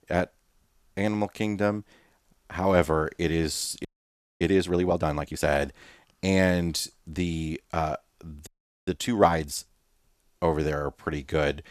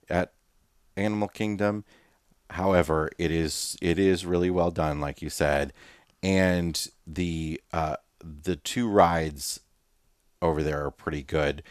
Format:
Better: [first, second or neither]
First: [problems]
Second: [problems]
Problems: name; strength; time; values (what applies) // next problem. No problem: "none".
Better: second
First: audio freezing; at 4 s for 0.5 s and at 8.5 s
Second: none